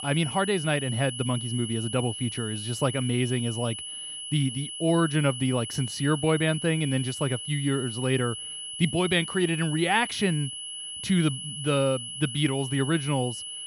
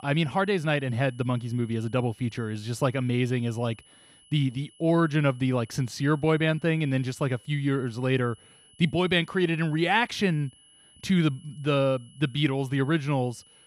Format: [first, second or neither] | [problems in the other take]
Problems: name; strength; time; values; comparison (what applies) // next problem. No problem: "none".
second | high-pitched whine; loud; throughout; 3 kHz, 7 dB below the speech; faint in the second